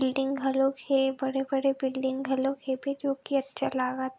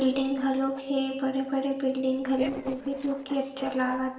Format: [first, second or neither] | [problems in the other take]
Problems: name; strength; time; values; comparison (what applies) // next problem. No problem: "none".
first | noise reduction (neural separator model SepFormer DNS4)